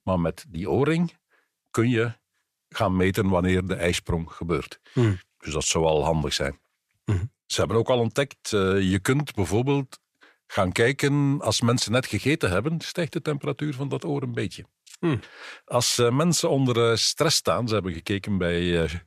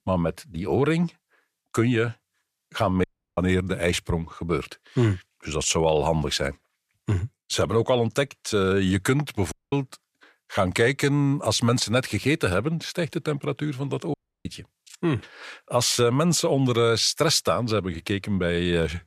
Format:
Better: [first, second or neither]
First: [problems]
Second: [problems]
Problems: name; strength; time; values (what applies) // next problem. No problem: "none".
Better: first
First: none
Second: audio cutting out; at 3 s, at 9.5 s and at 14 s